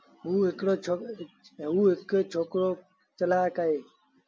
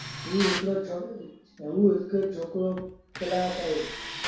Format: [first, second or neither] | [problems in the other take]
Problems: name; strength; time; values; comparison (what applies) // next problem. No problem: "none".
first | background sound (Tools); 10 dB below the speech // room echo; dies away in 0.6 s